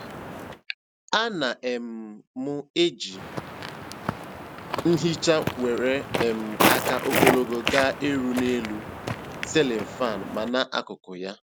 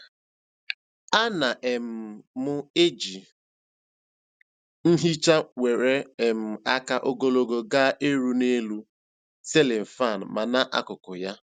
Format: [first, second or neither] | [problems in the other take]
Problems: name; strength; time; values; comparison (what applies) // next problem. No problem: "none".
second | background sound (Walk, footsteps); 3 dB below the speech